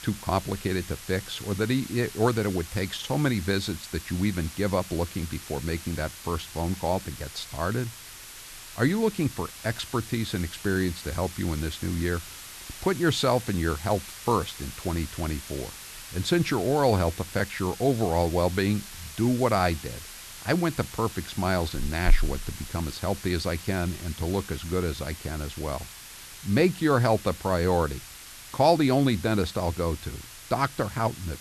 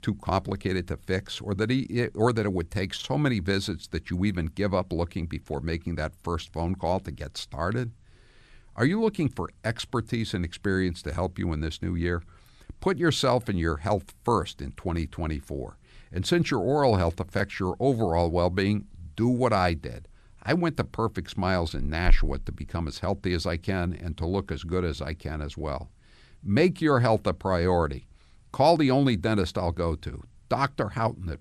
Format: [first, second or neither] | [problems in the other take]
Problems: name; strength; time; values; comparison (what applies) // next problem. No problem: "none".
second | hiss; noticeable; throughout; 15 dB below the speech